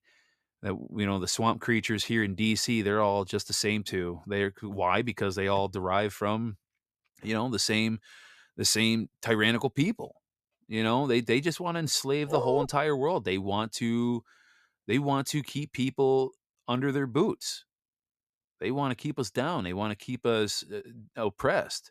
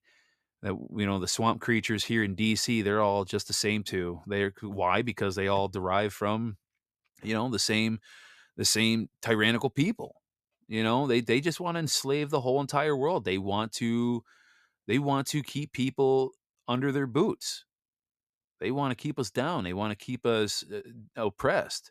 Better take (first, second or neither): second